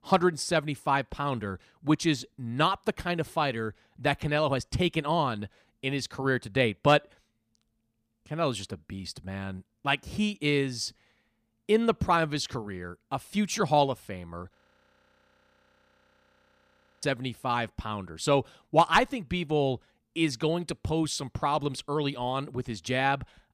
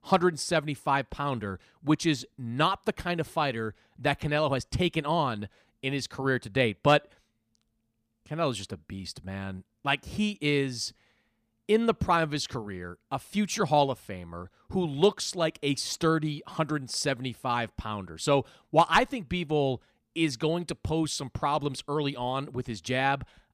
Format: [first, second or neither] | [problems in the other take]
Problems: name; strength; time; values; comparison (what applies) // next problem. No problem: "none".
second | audio freezing; at 15 s for 2.5 s